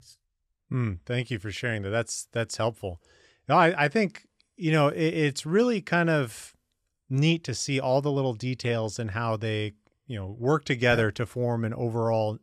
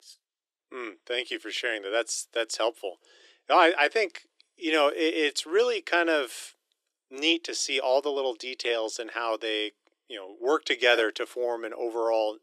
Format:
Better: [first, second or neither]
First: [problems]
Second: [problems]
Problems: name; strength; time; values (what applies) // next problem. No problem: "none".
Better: first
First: none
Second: thin; very; fading below 300 Hz